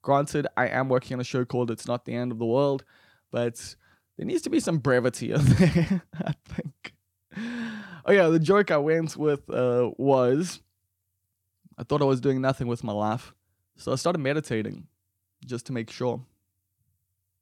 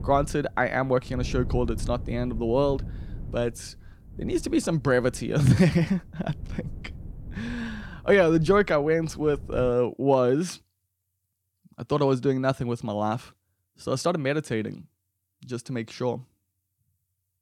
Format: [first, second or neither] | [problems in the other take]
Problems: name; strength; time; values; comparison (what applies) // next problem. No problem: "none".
first | wind noise on the microphone; occasional gusts; until 9.5 s; 25 dB below the speech